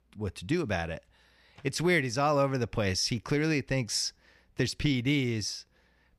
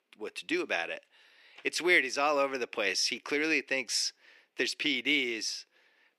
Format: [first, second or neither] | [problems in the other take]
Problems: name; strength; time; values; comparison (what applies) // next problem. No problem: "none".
first | thin; somewhat; fading below 350 Hz